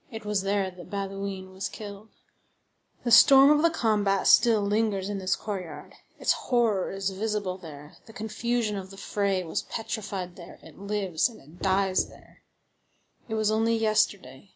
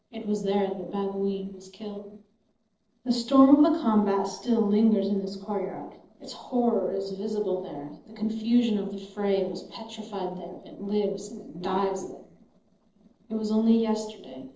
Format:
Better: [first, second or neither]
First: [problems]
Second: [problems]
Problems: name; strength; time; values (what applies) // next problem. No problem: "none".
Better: first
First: none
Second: noise reduction (neural separator model SepFormer DNS4)